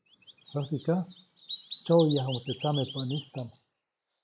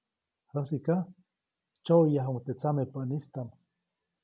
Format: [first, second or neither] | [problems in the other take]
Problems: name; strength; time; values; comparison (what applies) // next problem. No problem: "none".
second | noise reduction (neural mask model Resemble Enhance denoiser)